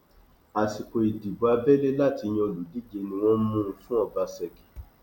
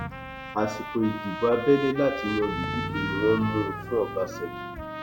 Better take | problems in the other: first | background sound (Trumpet + Motor vehicle (road)); 6 dB below the speech

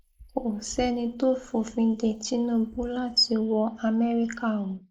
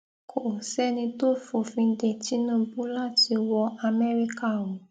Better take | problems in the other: second | noise reduction (neural mask model Resemble Enhance denoiser)

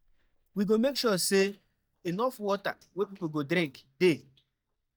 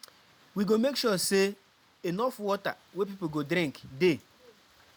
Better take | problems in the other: second | noise reduction (neural mask model DeepFilterNet 3)

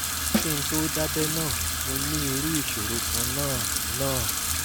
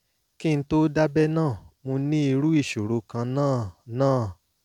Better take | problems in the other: second | background sound (Sink (filling or washing) / Water tap, faucet + Snare drum); 5 dB above the speech

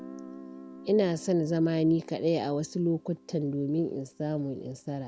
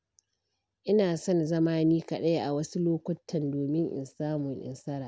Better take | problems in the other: second | background sound (Guitar); 19 dB below the speech

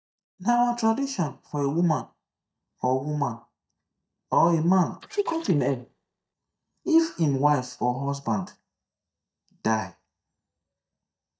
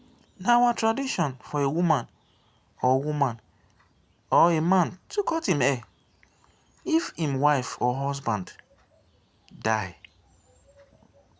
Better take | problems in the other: second | noise reduction (neural mask model DeepFilterNet 3)

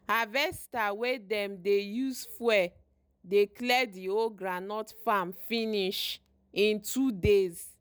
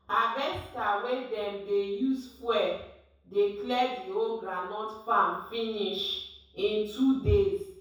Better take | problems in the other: first | room echo; dies away in 0.7 s

